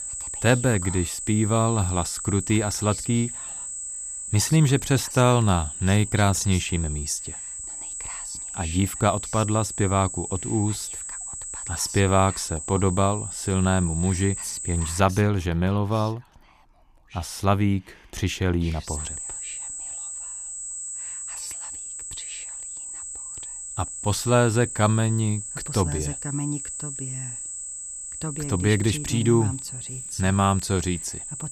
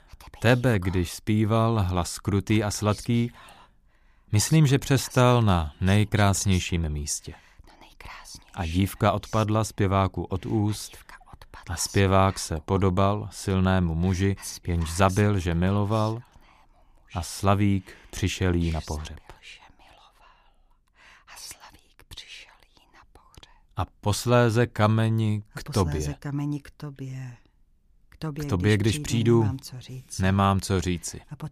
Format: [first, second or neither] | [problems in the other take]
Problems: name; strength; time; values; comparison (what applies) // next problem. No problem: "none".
second | high-pitched whine; loud; until 15 s and from 19 s on; 8 kHz, 7 dB below the speech